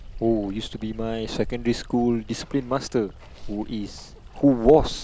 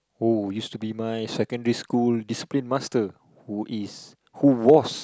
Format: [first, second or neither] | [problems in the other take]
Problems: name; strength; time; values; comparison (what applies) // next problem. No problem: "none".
second | background sound (Water); 12 dB below the speech